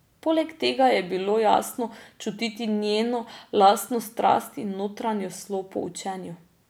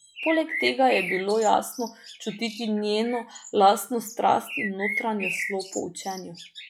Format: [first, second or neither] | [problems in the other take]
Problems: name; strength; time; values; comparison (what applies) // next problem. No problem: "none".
first | noise reduction (classical method log-MMSE)